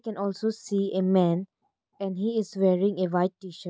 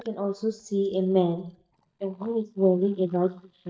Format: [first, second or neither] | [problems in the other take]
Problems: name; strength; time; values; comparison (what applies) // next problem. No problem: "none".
first | noise reduction (neural mask model DeepFilterNet 3)